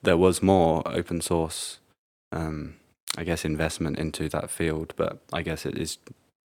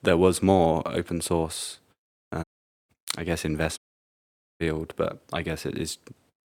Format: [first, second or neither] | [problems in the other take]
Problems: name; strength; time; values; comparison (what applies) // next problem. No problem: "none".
first | audio cutting out; at 2.5 s and at 4 s for 1 s